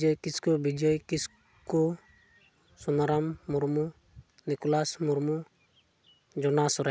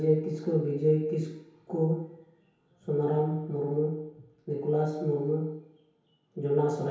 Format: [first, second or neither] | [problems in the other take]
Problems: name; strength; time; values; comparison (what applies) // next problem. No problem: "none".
first | room echo; dies away in 1 s